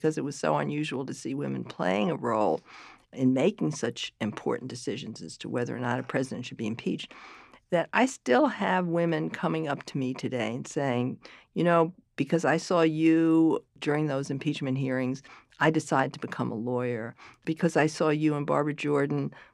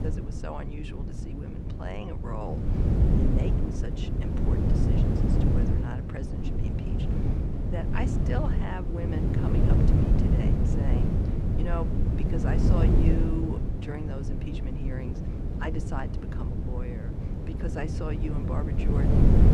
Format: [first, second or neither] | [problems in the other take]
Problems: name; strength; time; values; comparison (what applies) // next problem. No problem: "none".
first | wind noise on the microphone; heavy; 2 dB above the speech